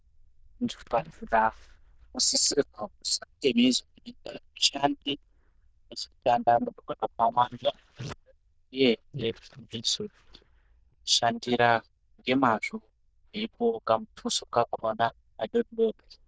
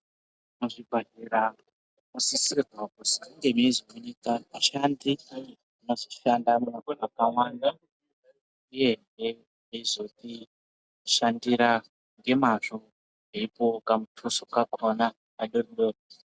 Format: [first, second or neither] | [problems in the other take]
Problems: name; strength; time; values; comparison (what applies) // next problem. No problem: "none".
second | noise reduction (neural diffusion model UNIVERSE++)